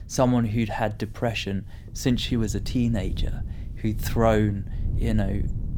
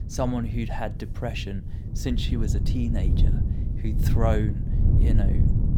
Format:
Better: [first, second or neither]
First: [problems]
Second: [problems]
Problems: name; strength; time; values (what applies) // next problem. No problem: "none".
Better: first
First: wind noise on the microphone; occasional gusts; 20 dB below the speech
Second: wind noise on the microphone; heavy; 6 dB below the speech